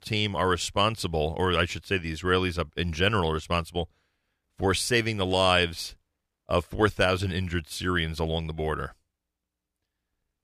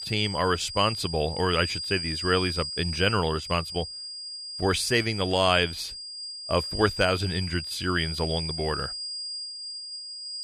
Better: first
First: none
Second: high-pitched whine; loud; throughout; 5 kHz, 6 dB below the speech

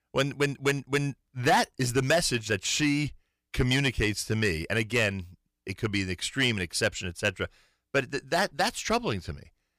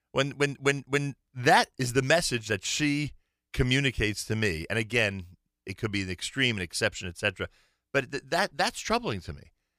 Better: second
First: distortion; slight; 10 dB below the speech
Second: none

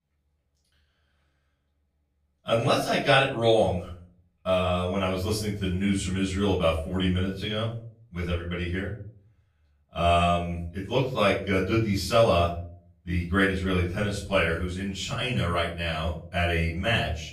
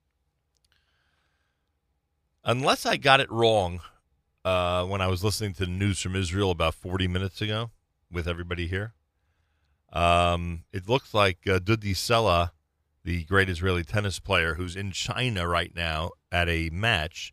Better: second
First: off-mic speech; far // room echo; noticeable; dies away in 0.5 s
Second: none

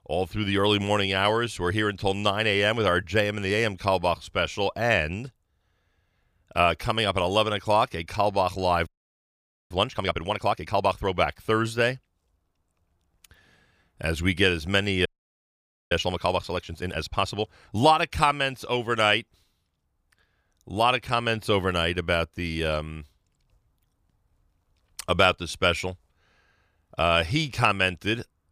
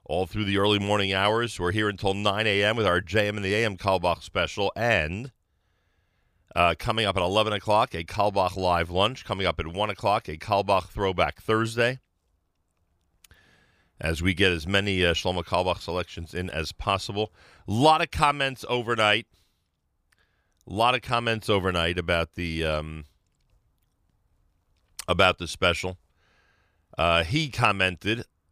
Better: second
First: audio freezing; at 9 s for 1 s and at 15 s for 1 s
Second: none

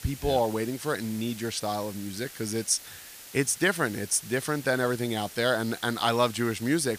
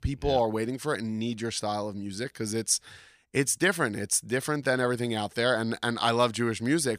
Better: second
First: hiss; noticeable; throughout; 15 dB below the speech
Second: none

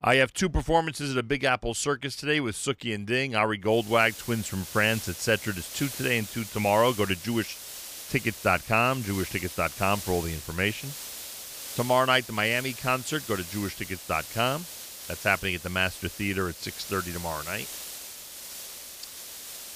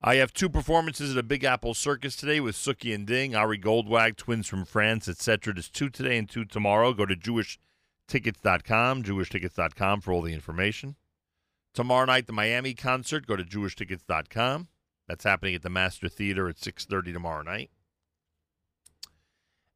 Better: second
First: hiss; noticeable; from 3.5 s on; 10 dB below the speech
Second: none

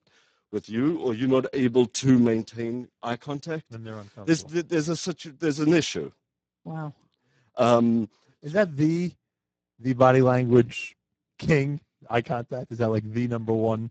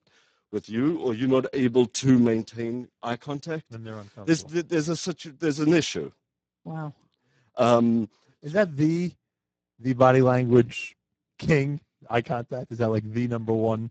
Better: neither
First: garbled, watery; badly; nothing above 7.5 kHz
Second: garbled, watery; badly; nothing above 7.5 kHz

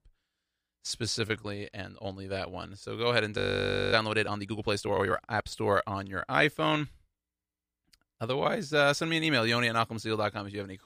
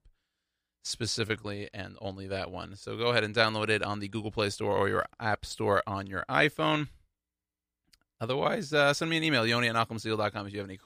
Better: second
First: audio freezing; at 3.5 s for 0.5 s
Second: none

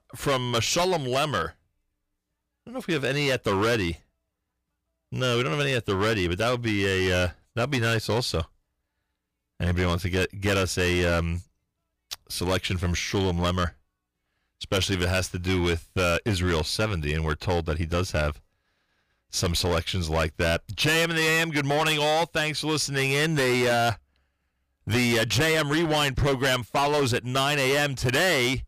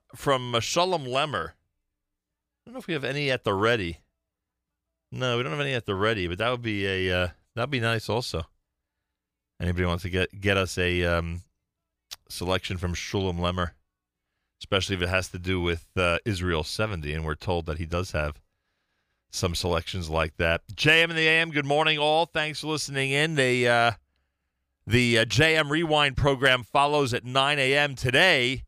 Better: second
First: distortion; heavy; 14% of the sound clipped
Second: none

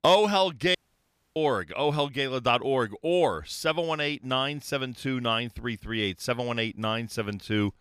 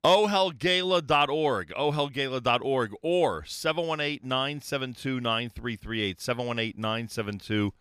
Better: second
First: audio cutting out; at 1 s for 0.5 s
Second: none

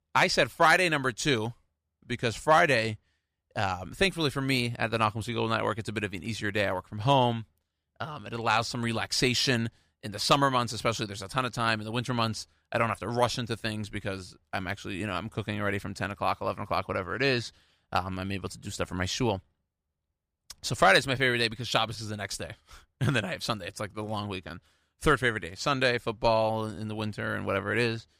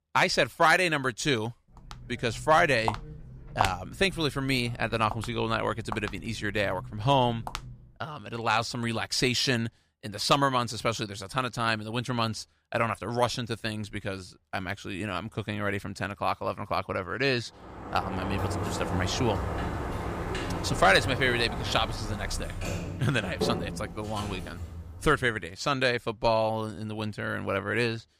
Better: first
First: none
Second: footsteps; noticeable; from 2 to 7.5 s; peak 2 dB below the speech // door banging; noticeable; from 18 to 25 s; peak 3 dB below the speech

